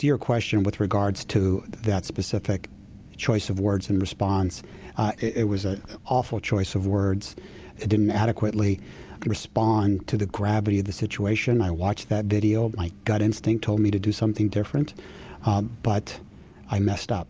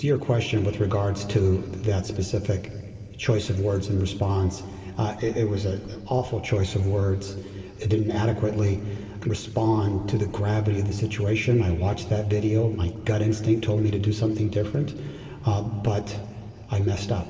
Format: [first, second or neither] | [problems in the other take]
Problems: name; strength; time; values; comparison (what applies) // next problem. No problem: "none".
first | room echo; dies away in 2.7 s